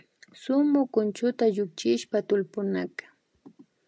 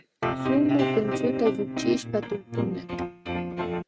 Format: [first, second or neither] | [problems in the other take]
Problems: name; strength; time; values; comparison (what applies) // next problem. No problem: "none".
first | noise reduction (neural mask model RNNoise)